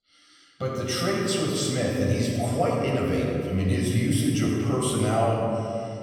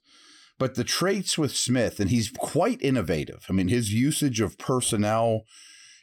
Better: second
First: off-mic speech; far // room echo; strong; dies away in 2.2 s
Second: none

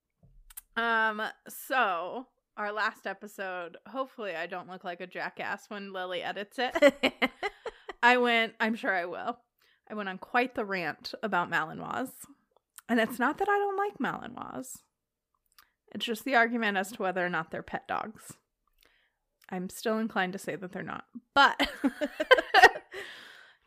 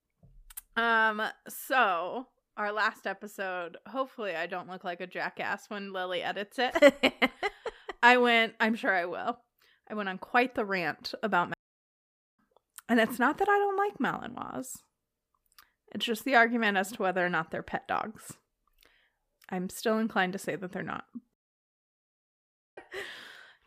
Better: first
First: none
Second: audio cutting out; at 12 s for 1 s and at 21 s for 1.5 s

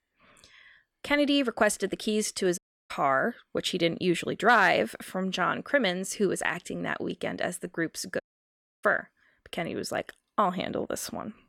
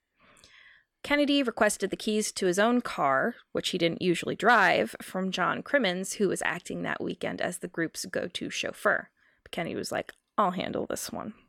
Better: second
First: audio cutting out; at 2.5 s and at 8 s for 0.5 s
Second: none

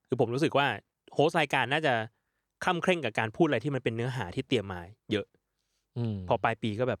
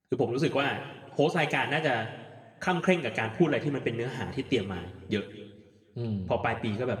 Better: first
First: none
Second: room echo; slight; dies away in 1.5 s // off-mic speech; somewhat distant

